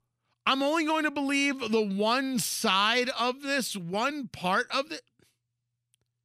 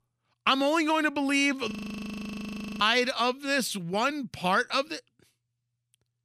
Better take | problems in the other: first | audio freezing; at 1.5 s for 1 s

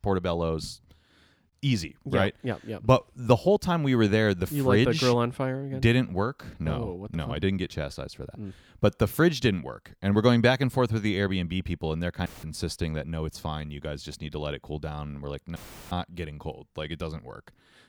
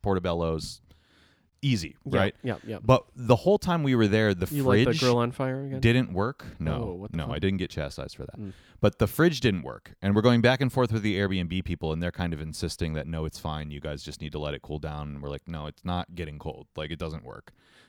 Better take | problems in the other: second | audio cutting out; filled with static; at 12 s and at 16 s

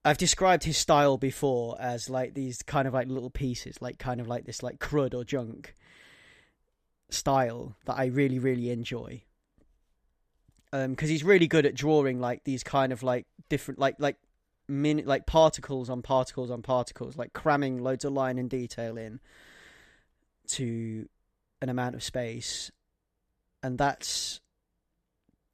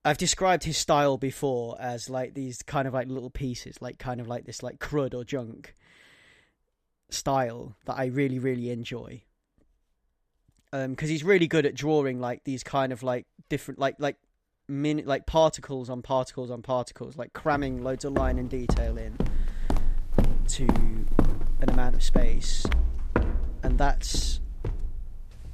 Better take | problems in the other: first | footsteps; loud; from 18 s on; peak 2 dB above the speech

